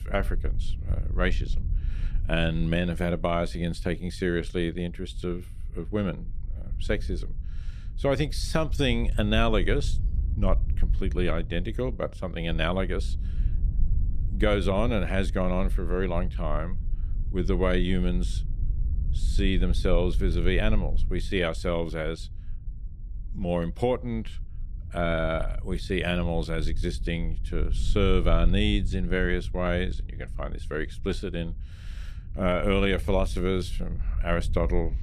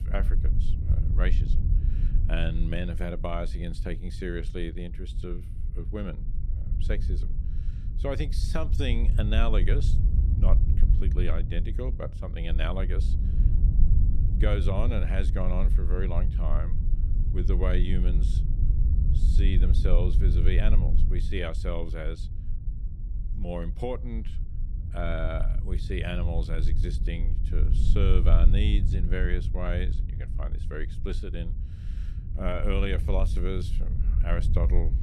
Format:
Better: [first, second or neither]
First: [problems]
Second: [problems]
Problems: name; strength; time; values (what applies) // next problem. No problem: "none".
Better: first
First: low rumble; faint; throughout; 20 dB below the speech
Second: low rumble; loud; throughout; 9 dB below the speech